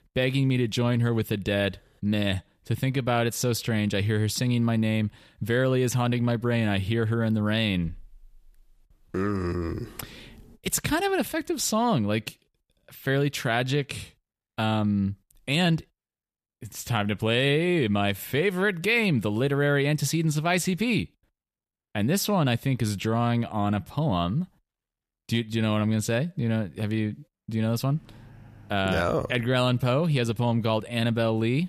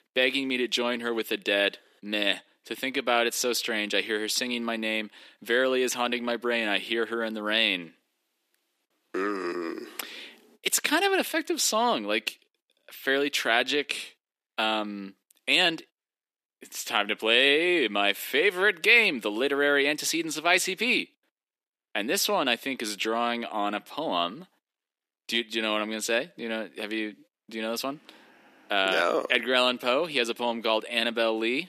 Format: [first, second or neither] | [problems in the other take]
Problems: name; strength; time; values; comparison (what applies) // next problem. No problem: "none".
first | thin; somewhat; fading below 250 Hz